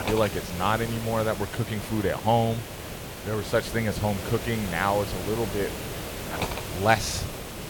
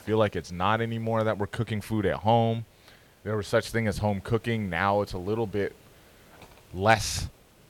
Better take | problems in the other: second | hiss; loud; throughout; 7 dB below the speech; faint in the second

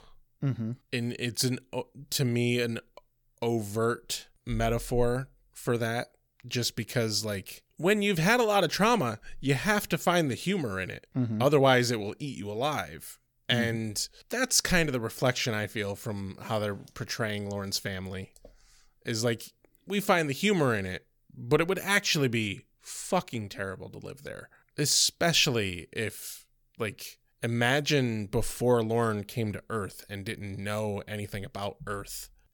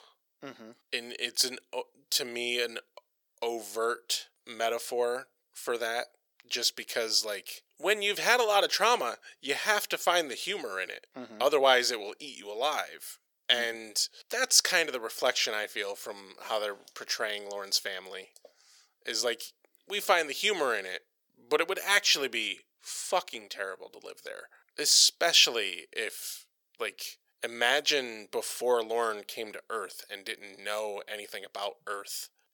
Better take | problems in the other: first | thin; very; fading below 450 Hz

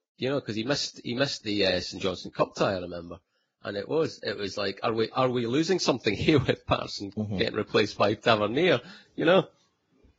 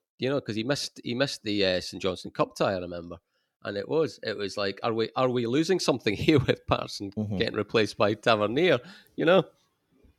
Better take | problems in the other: second | garbled, watery; badly

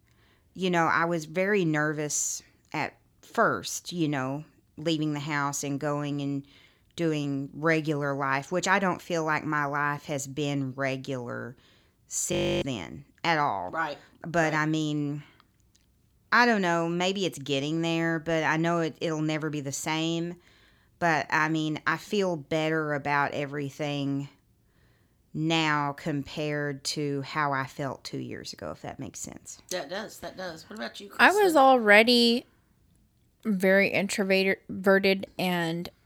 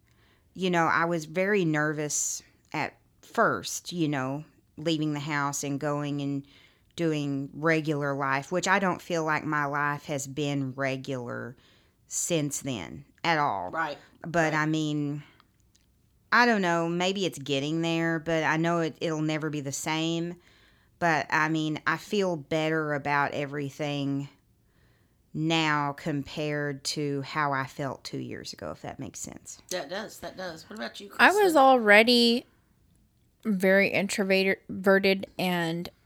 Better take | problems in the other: second | audio freezing; at 12 s

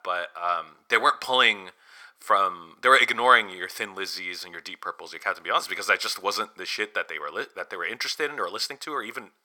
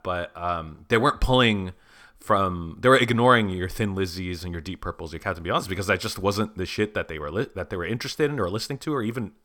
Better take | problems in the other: second | thin; very; fading below 650 Hz

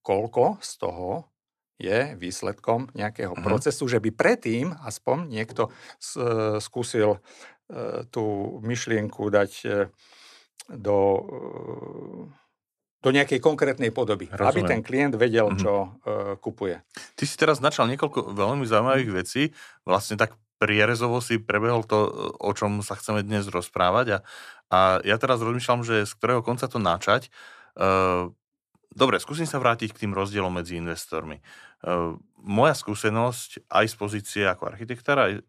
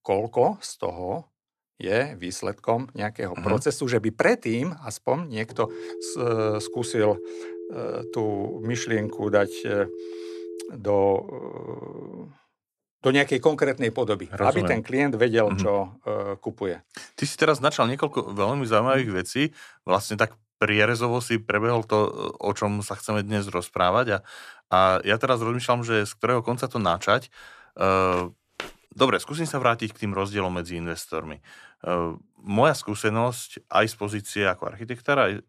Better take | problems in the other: first | phone ringing; faint; from 5.5 to 11 s; peak 10 dB below the speech // footsteps; faint; at 28 s; peak 15 dB below the speech

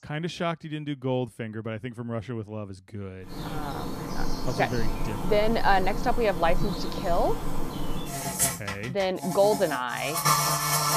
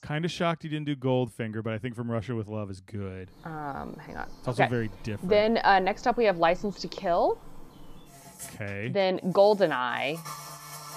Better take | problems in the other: second | animal sounds; loud; from 3.5 s on; 2 dB below the speech; faint in the second

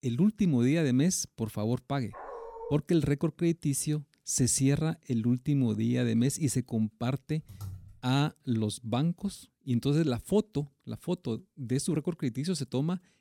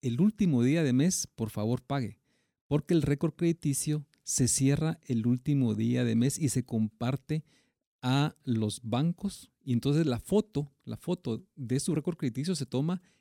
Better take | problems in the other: second | dog barking; faint; at 2 s; peak 10 dB below the speech // keyboard typing; faint; at 7.5 s; peak 15 dB below the speech

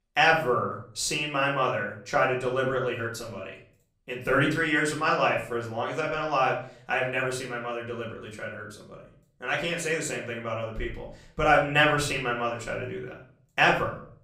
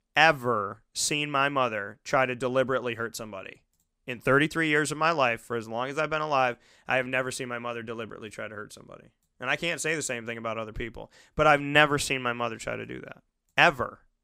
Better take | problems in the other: second | room echo; slight; dies away in 0.5 s // off-mic speech; far

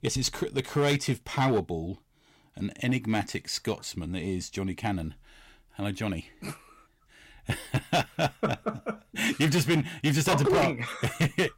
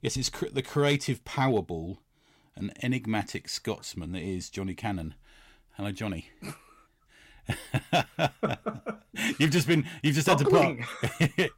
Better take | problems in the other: second | distortion; slight; 5% of the sound clipped

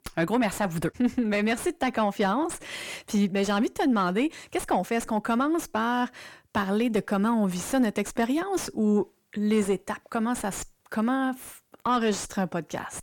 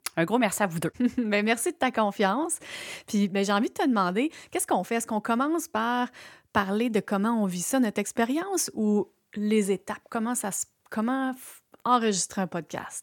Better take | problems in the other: second | distortion; slight; 10 dB below the speech

